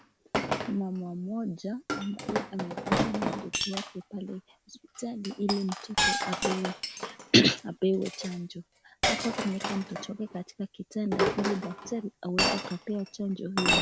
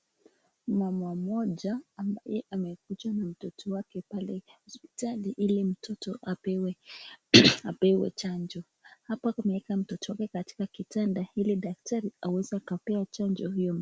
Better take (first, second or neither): second